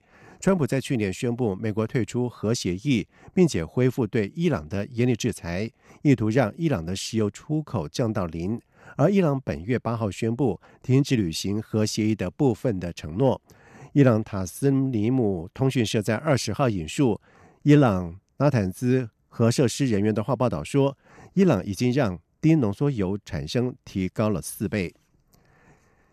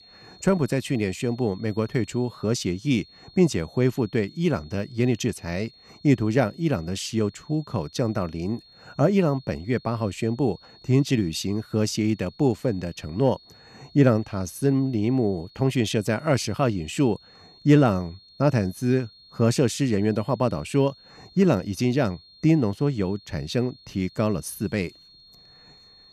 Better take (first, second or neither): first